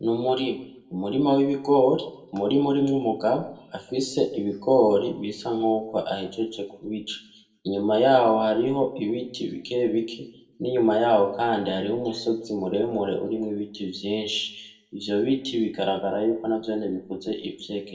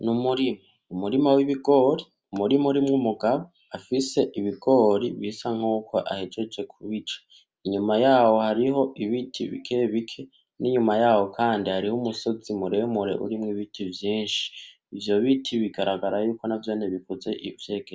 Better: second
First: room echo; dies away in 0.6 s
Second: none

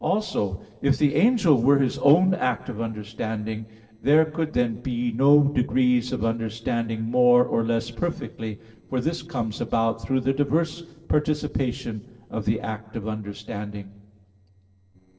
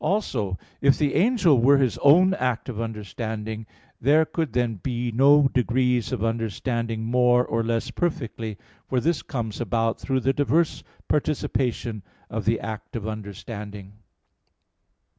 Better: second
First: noise reduction (neural separator model SepFormer DNS4)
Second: none

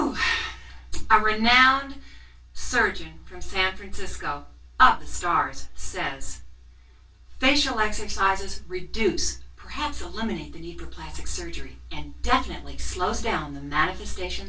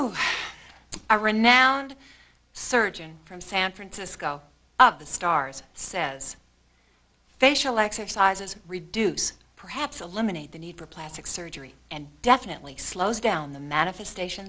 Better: second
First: room echo; dies away in 0.1 s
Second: none

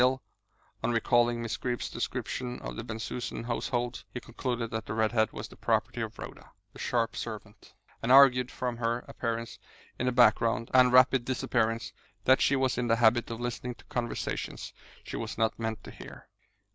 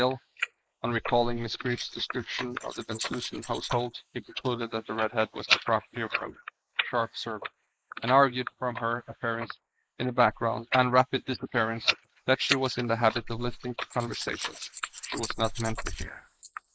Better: first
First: none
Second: noise reduction (neural mask model Resemble Enhance denoiser)

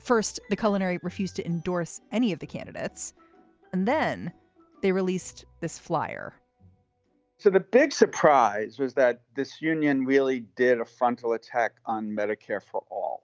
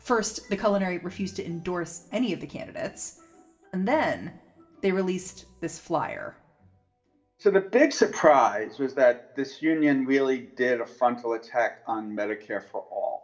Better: first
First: none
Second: room echo; dies away in 0.5 s

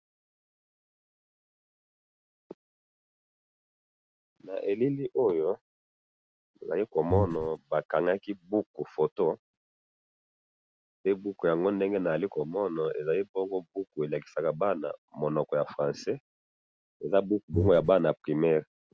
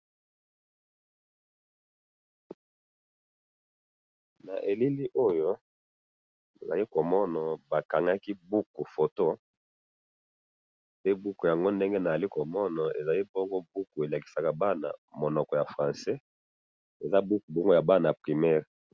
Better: second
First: background sound (Breathing); as loud as the speech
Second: none

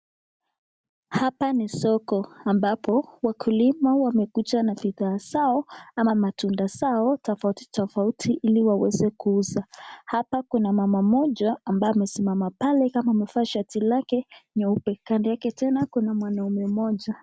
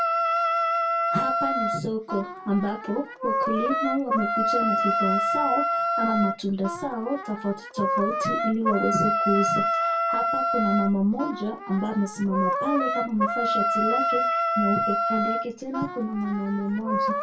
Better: first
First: none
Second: background sound (Wind instrument, woodwind instrument); 2 dB above the speech // room echo; dies away in 0.2 s

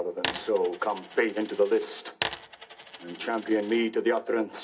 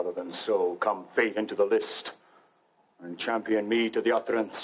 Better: second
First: background sound (Coin (dropping)); 10 dB below the speech // room echo; dies away in 0.3 s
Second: none

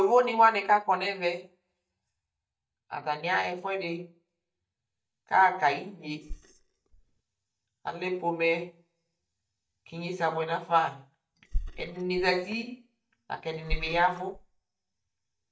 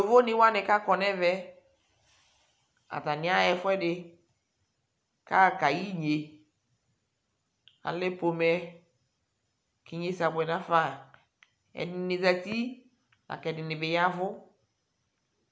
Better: second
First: noise reduction (neural mask model DeepFilterNet 3)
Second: none

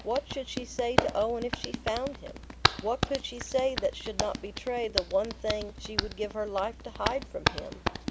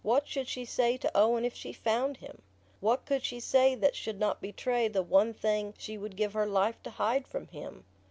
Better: second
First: background sound (Hands); 1 dB below the speech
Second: none

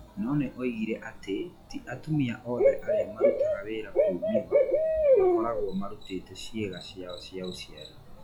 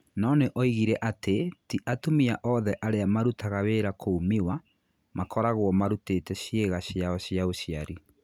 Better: second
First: noise reduction (classical method log-MMSE)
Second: none

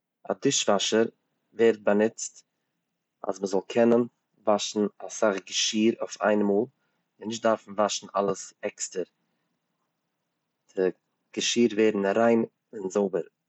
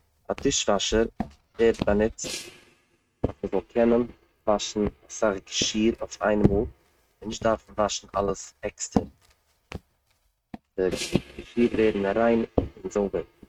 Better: first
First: none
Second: noise reduction (neural mask model RNNoise)

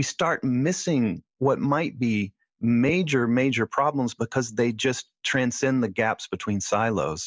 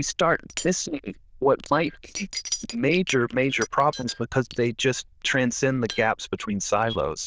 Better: first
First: none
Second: noise reduction (neural diffusion model UNIVERSE++)

